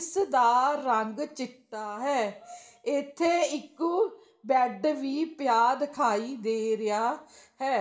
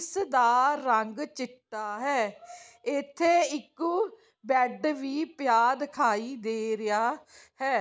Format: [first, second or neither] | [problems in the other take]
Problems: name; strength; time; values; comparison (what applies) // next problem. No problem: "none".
second | room echo; dies away in 0.4 s